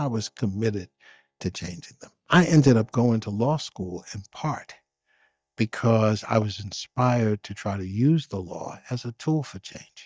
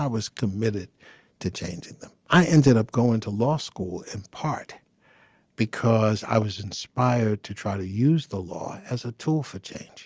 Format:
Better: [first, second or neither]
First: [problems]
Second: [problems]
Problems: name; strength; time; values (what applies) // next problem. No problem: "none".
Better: second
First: noise reduction (neural mask model DeepFilterNet 3)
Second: none